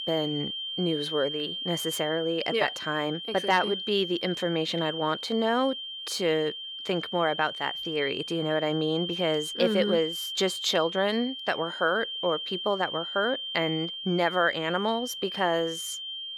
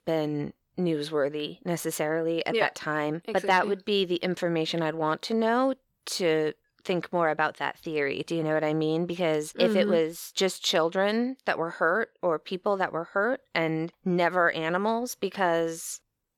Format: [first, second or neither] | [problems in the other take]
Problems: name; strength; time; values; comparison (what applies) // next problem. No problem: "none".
second | high-pitched whine; loud; throughout; 3 kHz, 5 dB below the speech